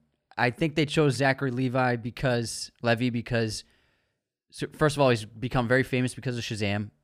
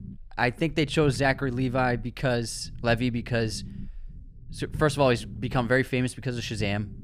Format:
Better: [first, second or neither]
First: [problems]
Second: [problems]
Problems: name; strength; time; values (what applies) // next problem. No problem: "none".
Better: first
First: none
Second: low rumble; faint; throughout; 25 dB below the speech